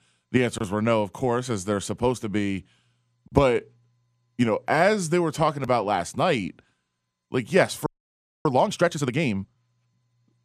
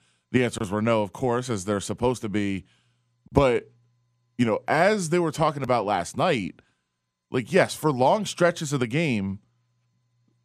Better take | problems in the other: second | audio freezing; at 8 s for 0.5 s

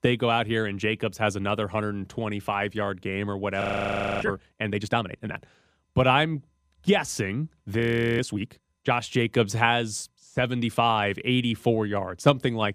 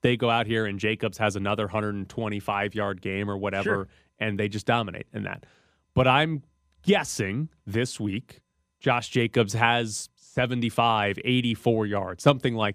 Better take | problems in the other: second | audio freezing; at 3.5 s for 0.5 s and at 8 s

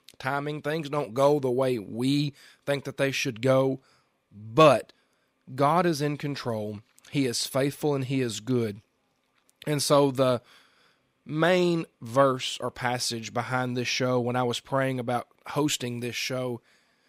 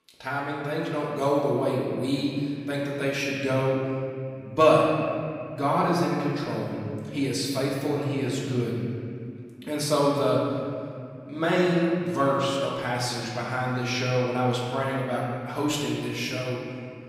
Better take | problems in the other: first | room echo; noticeable; dies away in 2.3 s // off-mic speech; far

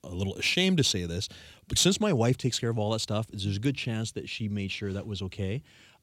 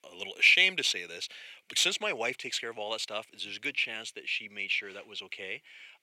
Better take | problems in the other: first | thin; very; fading below 600 Hz

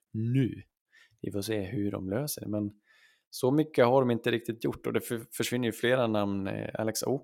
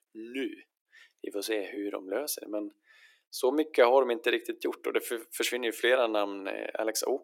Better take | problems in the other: first | thin; somewhat; fading below 300 Hz

